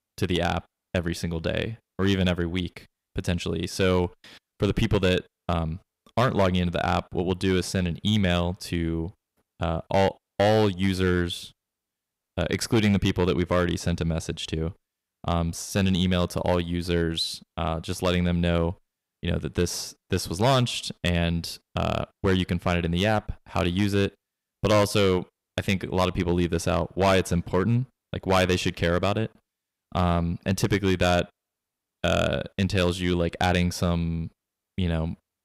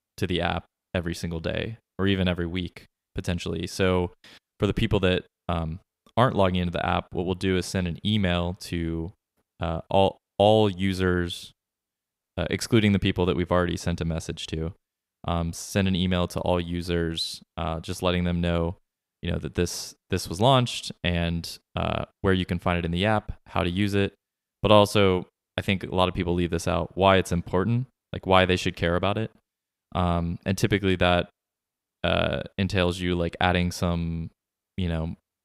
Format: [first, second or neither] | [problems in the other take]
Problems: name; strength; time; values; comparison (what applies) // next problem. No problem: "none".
second | distortion; slight; 3% of the sound clipped